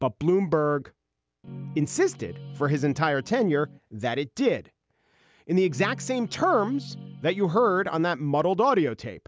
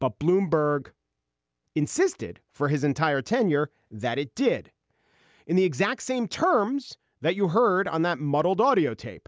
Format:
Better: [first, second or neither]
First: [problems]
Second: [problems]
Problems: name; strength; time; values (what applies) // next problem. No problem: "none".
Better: second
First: background sound (Guitar); 16 dB below the speech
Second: none